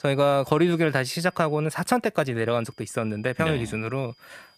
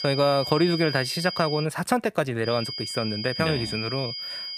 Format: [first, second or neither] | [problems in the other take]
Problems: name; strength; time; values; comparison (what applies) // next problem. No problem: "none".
first | high-pitched whine; loud; until 1.5 s and from 2.5 s on; 5 kHz, 6 dB below the speech; faint in the first